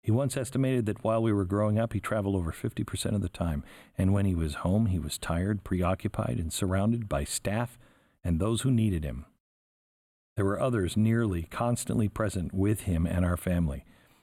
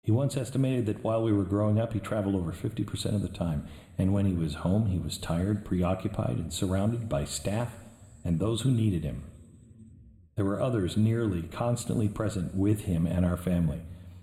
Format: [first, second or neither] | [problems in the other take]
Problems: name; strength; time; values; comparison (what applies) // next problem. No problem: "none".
first | room echo; slight; dies away in 2.1 s